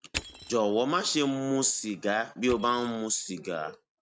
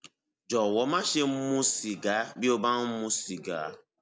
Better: second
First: noise reduction (neural mask model RNNoise)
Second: none

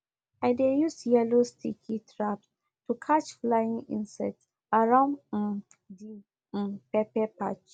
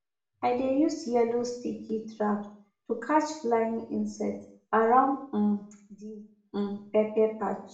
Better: first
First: none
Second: room echo; dies away in 0.5 s

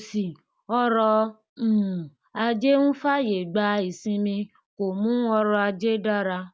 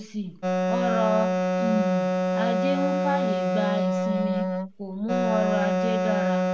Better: first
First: none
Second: background sound (Wind instrument, woodwind instrument); 5 dB above the speech // room echo; dies away in 0.4 s

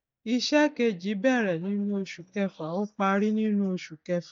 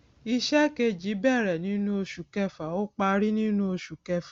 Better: second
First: noise reduction (neural mask model DeepFilterNet 3)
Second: none

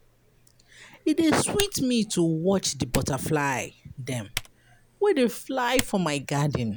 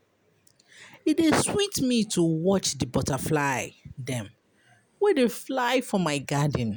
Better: second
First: background sound (Typing); 13 dB below the speech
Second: none

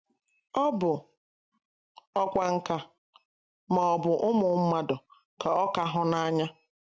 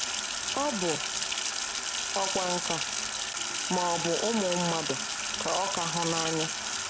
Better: first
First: none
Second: background sound (Sink (filling or washing)); 1 dB above the speech

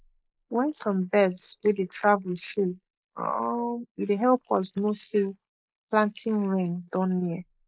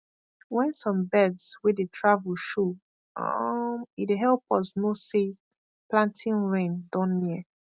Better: second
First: noise reduction (neural mask model Resemble Enhance denoiser)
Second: none

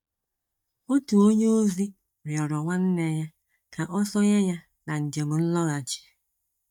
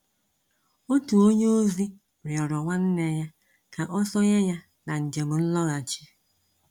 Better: second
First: noise reduction (neural mask model DeepFilterNet 3)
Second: none

